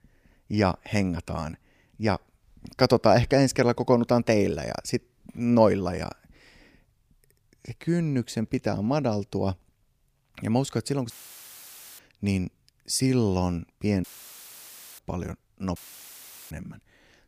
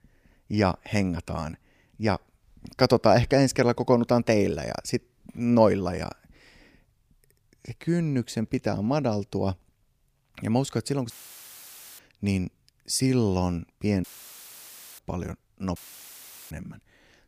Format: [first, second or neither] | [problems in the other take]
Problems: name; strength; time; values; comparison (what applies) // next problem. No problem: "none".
neither | audio cutting out; filled with static; at 11 s for 1 s, at 14 s for 1 s and at 16 s for 1 s; the same in both